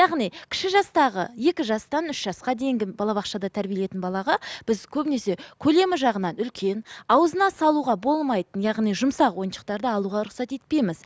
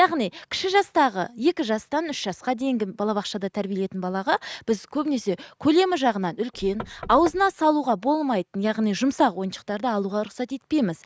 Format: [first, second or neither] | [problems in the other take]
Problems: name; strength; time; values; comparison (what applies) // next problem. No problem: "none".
first | noise reduction (neural mask model RNNoise)